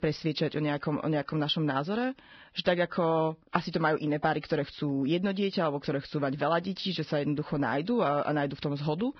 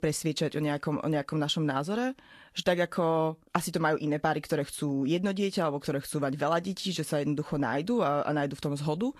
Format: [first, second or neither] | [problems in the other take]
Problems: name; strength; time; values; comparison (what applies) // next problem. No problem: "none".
second | garbled, watery; badly; nothing above 5.5 kHz; slightly in the second